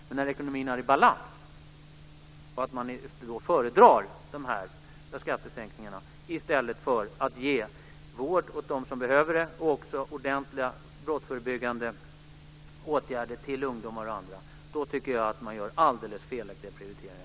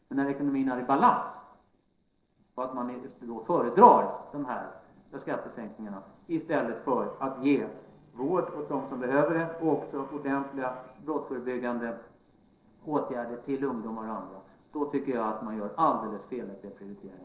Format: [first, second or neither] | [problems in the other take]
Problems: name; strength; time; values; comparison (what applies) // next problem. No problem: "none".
first | noise reduction (neural separator model SepFormer DNS4)